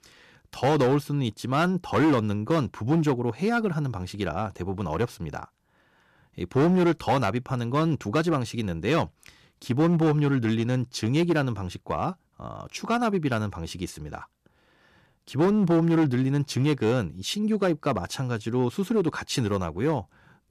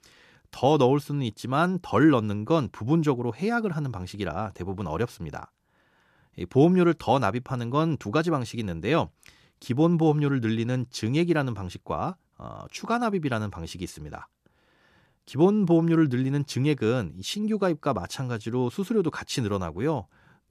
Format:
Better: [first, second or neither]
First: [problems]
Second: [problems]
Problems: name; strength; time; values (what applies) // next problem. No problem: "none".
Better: second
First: distortion; slight; 6% of the sound clipped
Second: none